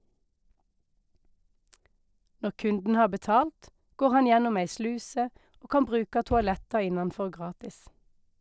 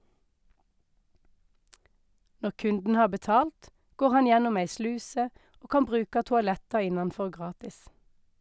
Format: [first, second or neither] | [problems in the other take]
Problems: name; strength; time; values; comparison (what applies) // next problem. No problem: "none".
second | noise reduction (neural separator model SepFormer DNS4)